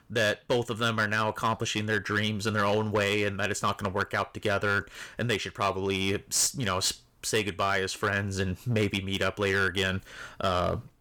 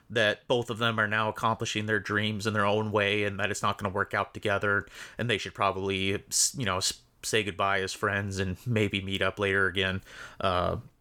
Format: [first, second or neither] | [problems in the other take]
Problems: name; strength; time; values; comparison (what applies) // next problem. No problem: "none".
second | distortion; slight; 6% of the sound clipped